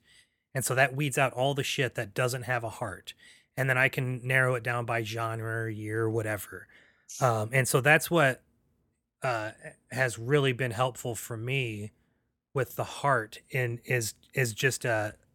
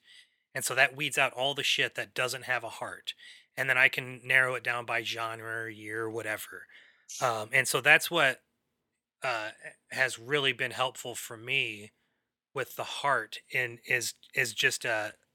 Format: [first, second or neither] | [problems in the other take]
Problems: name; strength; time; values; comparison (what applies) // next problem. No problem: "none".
first | thin; somewhat; fading below 900 Hz